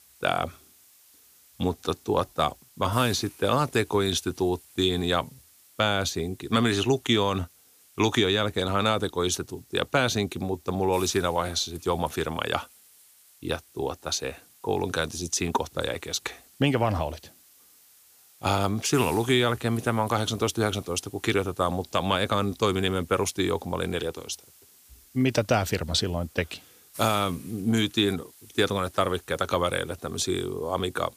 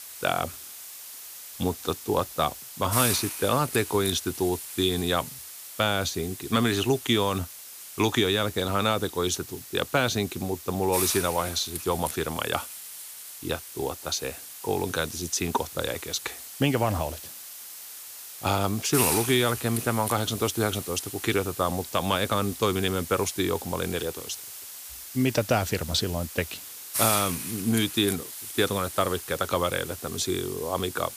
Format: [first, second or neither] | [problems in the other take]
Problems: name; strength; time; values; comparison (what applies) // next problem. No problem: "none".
first | hiss; loud; throughout; 7 dB below the speech; faint in the first